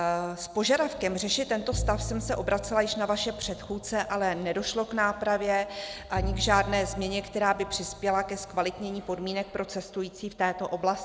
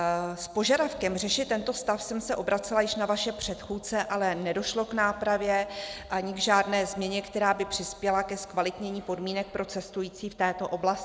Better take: second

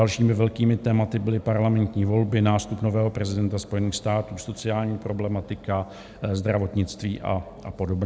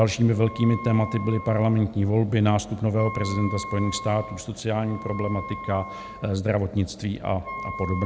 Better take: first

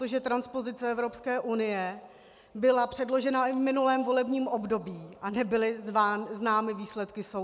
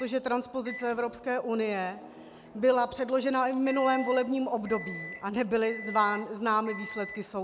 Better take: first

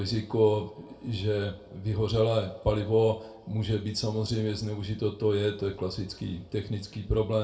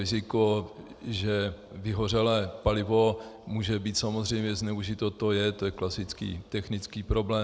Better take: second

